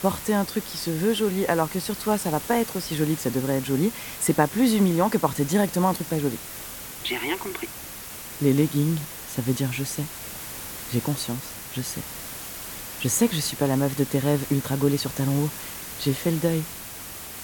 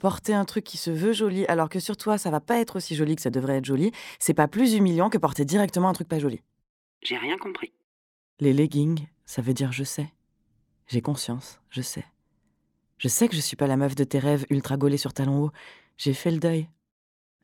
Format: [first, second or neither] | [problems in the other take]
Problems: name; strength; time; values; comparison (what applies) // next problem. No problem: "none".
second | hiss; loud; throughout; 10 dB below the speech